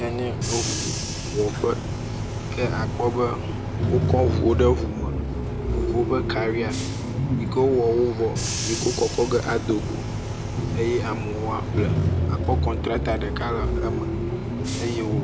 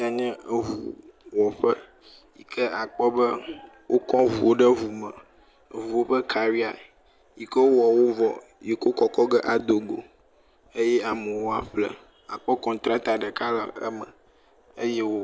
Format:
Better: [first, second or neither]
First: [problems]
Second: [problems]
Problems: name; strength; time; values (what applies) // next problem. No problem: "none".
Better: second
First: background sound (Bus / Engine); 1 dB above the speech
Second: none